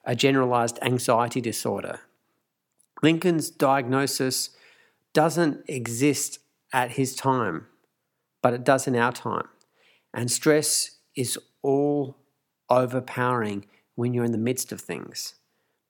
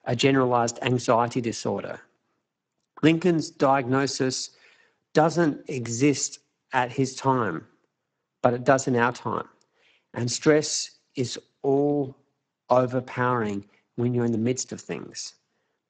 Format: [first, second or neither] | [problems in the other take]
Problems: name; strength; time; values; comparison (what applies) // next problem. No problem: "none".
first | garbled, watery; badly; nothing above 7.5 kHz